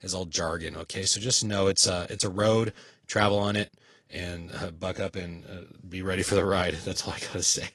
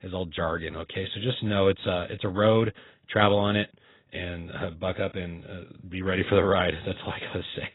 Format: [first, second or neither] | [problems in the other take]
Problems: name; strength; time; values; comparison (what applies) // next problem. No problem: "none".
first | garbled, watery; badly; nothing above 4 kHz; slightly in the first